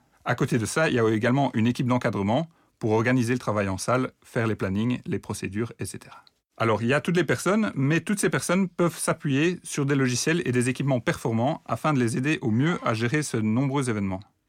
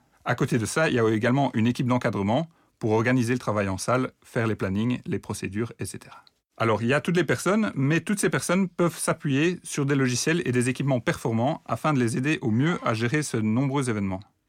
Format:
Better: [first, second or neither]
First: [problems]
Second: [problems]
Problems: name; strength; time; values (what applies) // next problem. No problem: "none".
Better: neither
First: none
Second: none